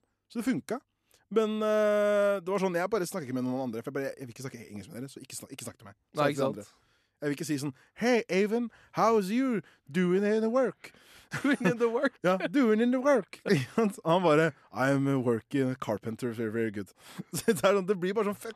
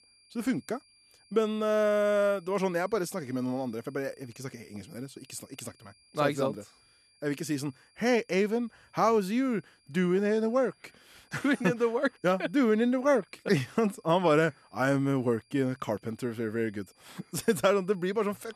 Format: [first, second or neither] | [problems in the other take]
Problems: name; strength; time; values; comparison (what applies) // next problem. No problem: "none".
first | high-pitched whine; faint; throughout; 4.5 kHz, 35 dB below the speech